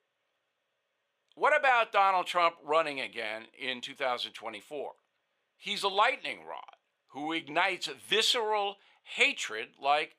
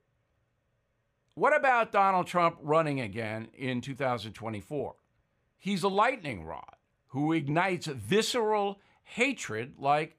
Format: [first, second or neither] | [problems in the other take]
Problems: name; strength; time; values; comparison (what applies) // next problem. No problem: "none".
second | thin; somewhat; fading below 500 Hz